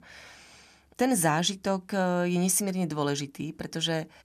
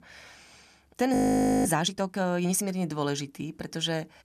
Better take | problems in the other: first | audio freezing; at 1 s for 0.5 s

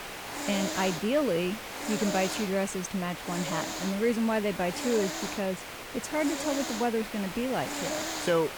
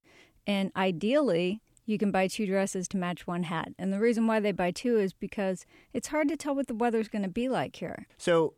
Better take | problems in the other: second | hiss; loud; throughout; 4 dB below the speech

